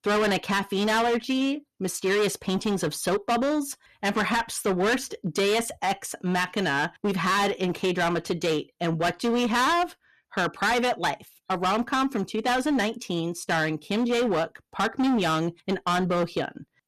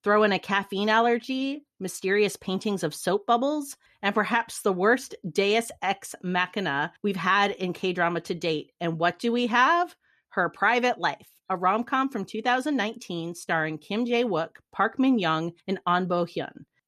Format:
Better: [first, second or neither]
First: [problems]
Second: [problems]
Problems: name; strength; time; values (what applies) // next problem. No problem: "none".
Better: second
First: distortion; heavy; 18% of the sound clipped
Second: none